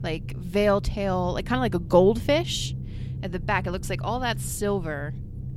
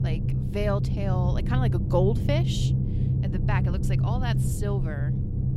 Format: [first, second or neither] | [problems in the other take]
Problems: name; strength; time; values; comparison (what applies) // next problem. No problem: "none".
first | low rumble; loud; throughout; 5 dB below the speech; faint in the first